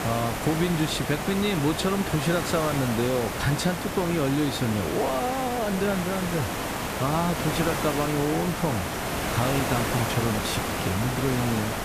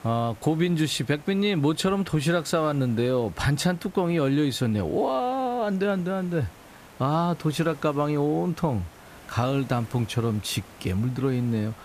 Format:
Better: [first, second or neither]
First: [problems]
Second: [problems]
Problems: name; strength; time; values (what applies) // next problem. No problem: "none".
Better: second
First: hiss; loud; throughout; 2 dB below the speech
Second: hiss; faint; throughout; 25 dB below the speech